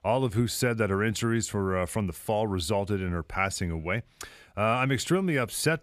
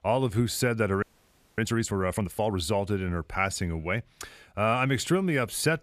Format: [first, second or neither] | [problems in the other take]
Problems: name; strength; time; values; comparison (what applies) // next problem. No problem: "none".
first | audio freezing; at 1 s for 0.5 s